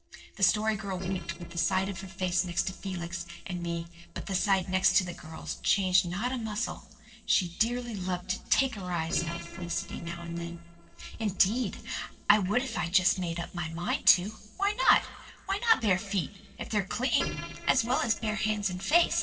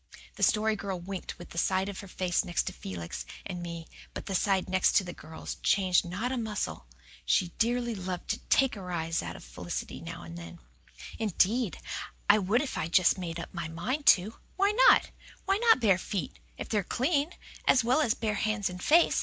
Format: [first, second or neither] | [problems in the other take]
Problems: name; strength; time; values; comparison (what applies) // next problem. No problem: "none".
second | noise reduction (neural separator model SepFormer DNS4)